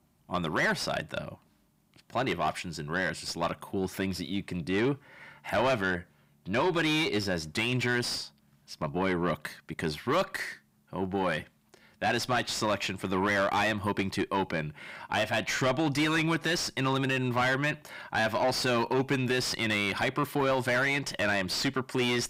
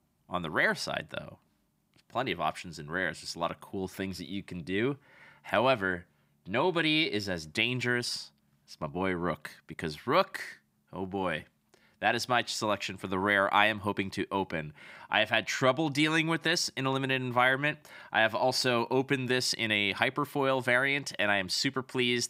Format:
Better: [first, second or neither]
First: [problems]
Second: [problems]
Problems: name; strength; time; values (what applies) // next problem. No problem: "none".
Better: second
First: distortion; heavy; 7 dB below the speech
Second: none